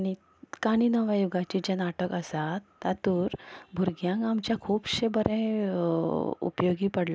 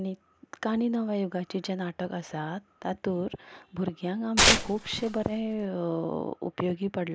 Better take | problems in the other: first | background sound (Tearing); 5 dB above the speech

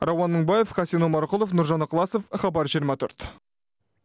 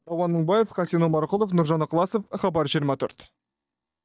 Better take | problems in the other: first | noise reduction (neural mask model DeepFilterNet 3)

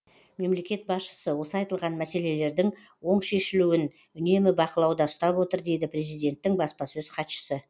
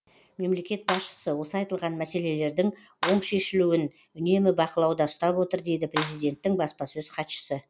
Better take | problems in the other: first | background sound (Clapping); 11 dB below the speech

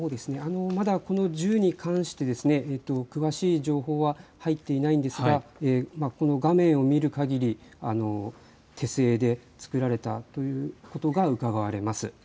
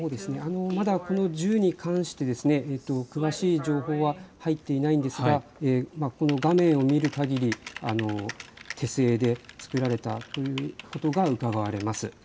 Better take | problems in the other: first | background sound (Typing); 18 dB below the speech

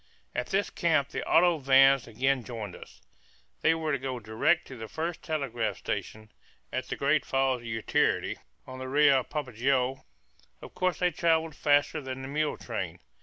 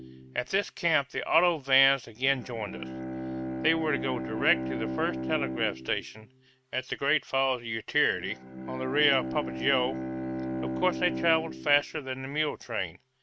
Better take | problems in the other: first | noise reduction (neural mask model RNNoise)

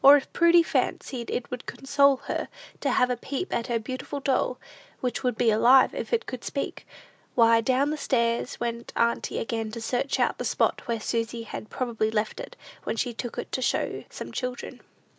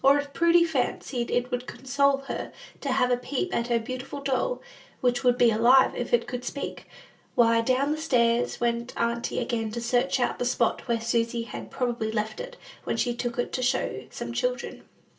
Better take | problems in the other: first | room echo; dies away in 0.2 s

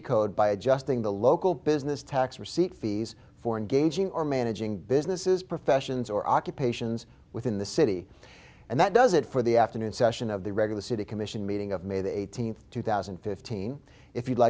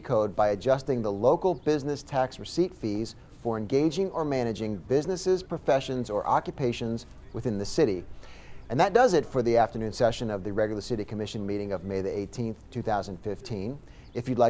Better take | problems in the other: first | background sound (Chirp, tweet); 18 dB below the speech

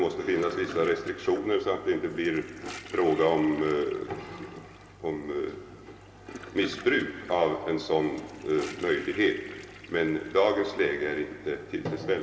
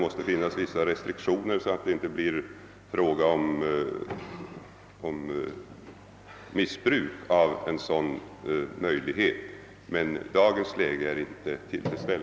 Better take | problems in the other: second | background sound (Toilet flush / Gurgling); 18 dB below the speech // room echo; dies away in 2.8 s

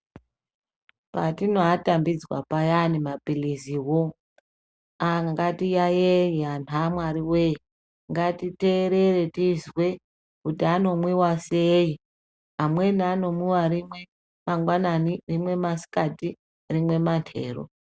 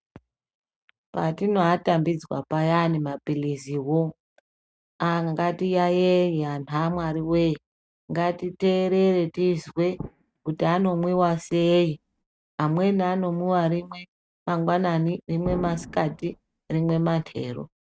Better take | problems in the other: first | noise reduction (neural mask model RNNoise)

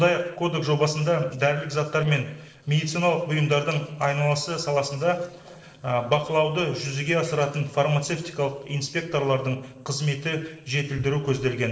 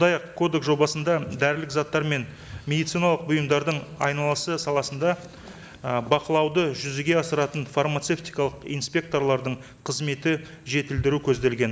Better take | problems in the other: second | noise reduction (neural separator model SepFormer DNS4)

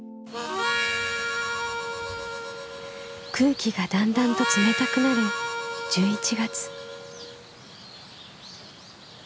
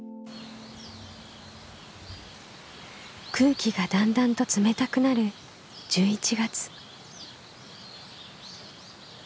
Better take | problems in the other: second | background sound (Harmonica); 2 dB below the speech

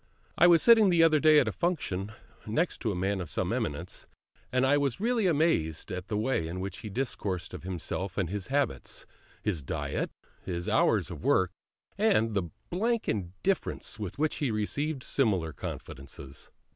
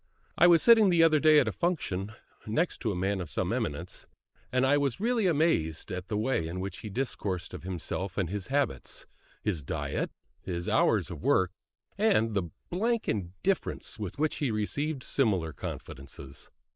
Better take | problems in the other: first | noise reduction (neural mask model Resemble Enhance denoiser)

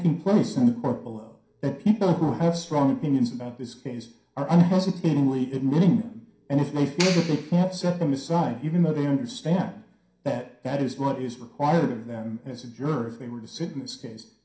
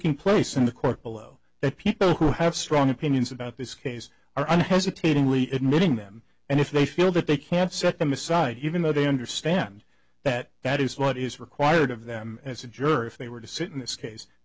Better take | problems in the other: second | background sound (Clapping); 11 dB below the speech // room echo; dies away in 0.5 s

